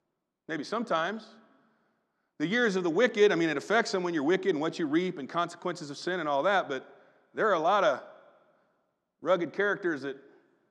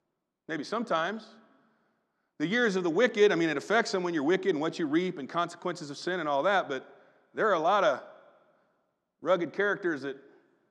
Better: neither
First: none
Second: none

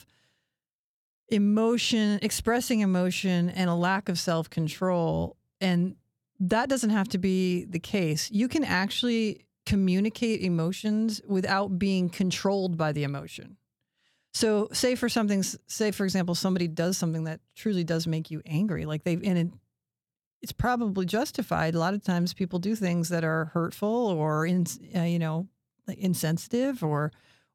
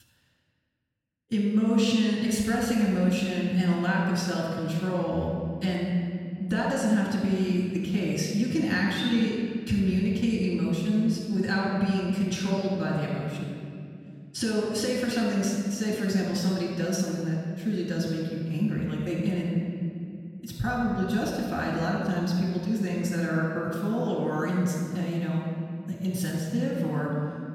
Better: first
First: none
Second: off-mic speech; far // room echo; noticeable; dies away in 2.3 s

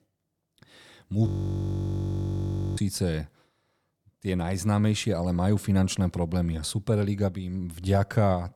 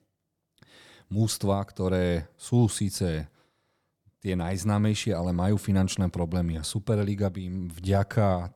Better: second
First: audio freezing; at 1.5 s for 1.5 s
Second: none

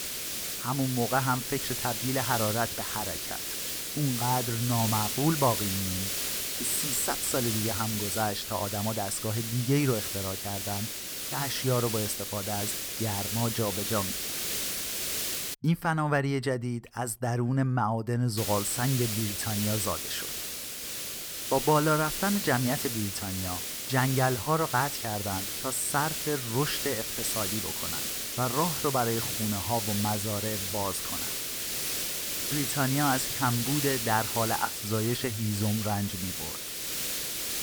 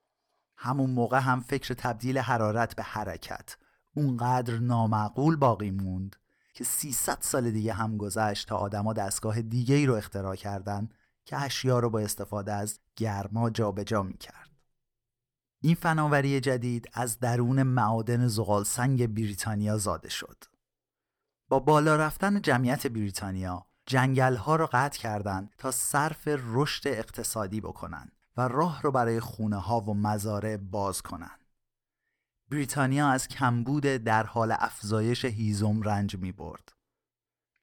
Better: second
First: hiss; loud; until 16 s and from 18 s on; 1 dB below the speech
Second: none

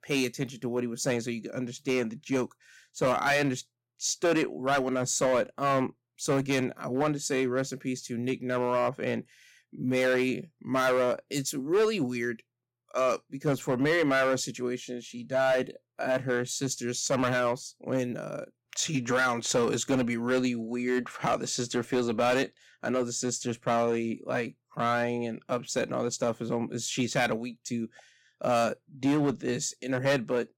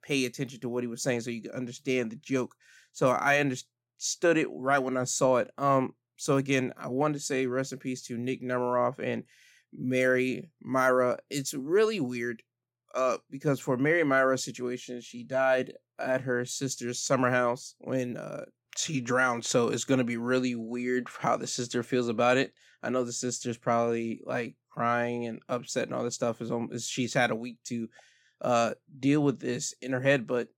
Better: second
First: distortion; slight; 5% of the sound clipped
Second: none

